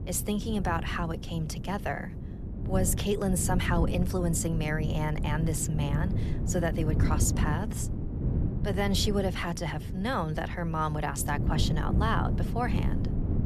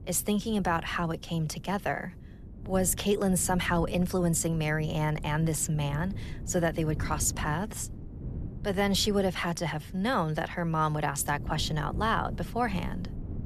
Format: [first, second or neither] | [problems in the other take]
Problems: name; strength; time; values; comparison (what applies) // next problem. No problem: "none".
second | wind noise on the microphone; heavy; 9 dB below the speech; occasional gusts in the second